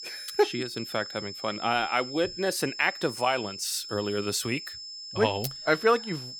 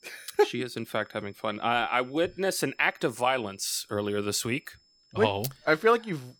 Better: second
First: high-pitched whine; loud; throughout; 5 kHz, 10 dB below the speech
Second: high-pitched whine; faint; throughout; 5 kHz, 35 dB below the speech

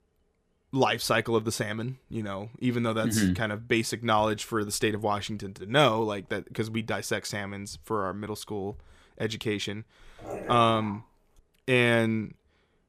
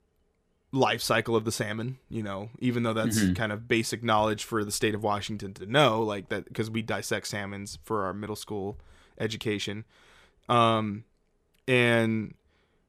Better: second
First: dog barking; noticeable; from 10 to 11 s; peak 9 dB below the speech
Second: none

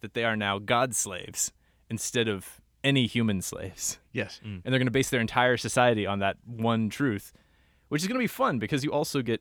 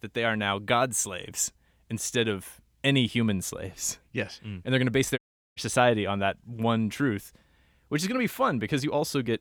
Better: first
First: none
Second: audio cutting out; at 5 s

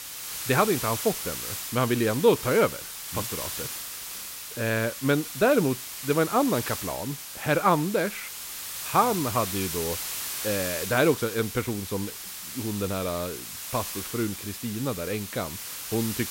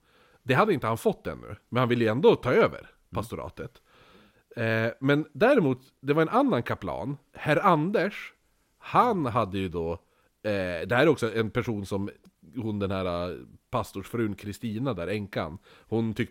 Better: second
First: hiss; loud; throughout; 6 dB below the speech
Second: none

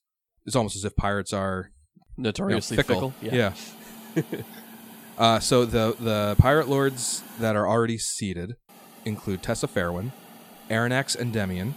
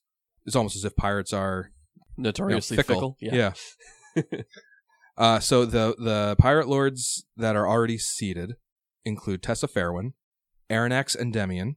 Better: second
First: hiss; noticeable; from 2.5 to 7.5 s and from 8.5 s on; 20 dB below the speech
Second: none

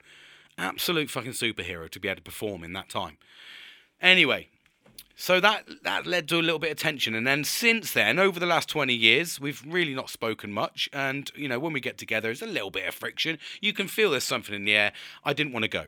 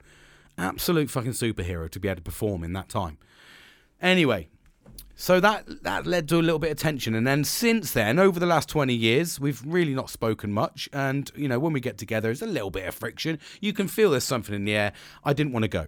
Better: second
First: thin; very slightly; fading below 600 Hz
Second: none

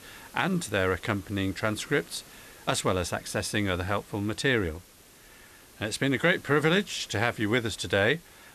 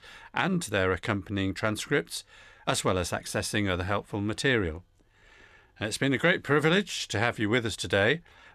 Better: second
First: hiss; faint; throughout; 20 dB below the speech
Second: none

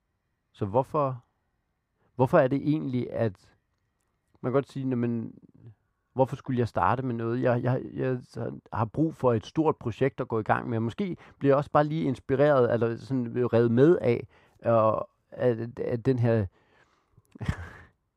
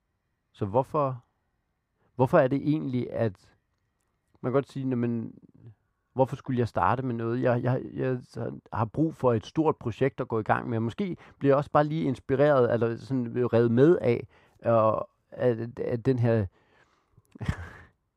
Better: neither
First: muffled; slightly; fading above 2 kHz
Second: muffled; slightly; fading above 2 kHz

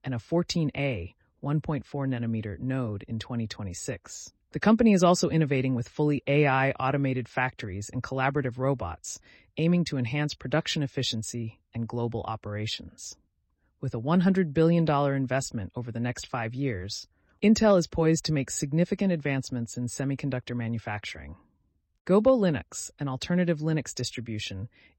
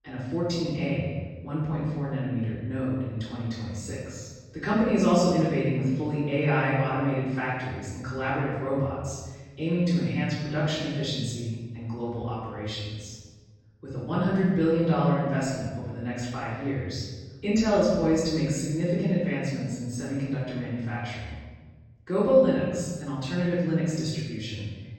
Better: first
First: none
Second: room echo; strong; dies away in 1.3 s // off-mic speech; far

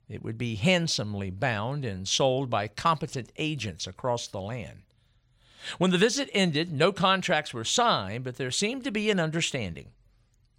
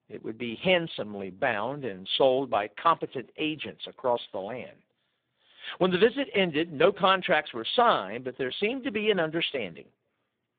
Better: first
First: none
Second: phone-call audio; poor line; nothing above 3.5 kHz

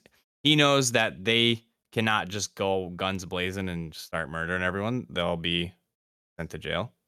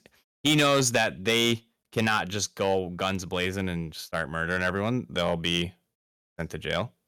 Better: first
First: none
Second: distortion; slight; 2% of the sound clipped

